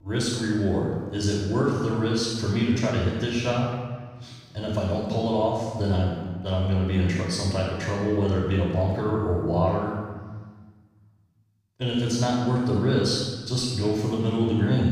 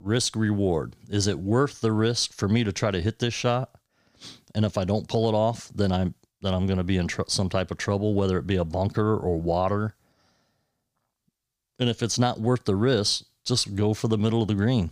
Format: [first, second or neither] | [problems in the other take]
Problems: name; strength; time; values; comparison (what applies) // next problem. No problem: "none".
second | off-mic speech; far // room echo; strong; dies away in 1.3 s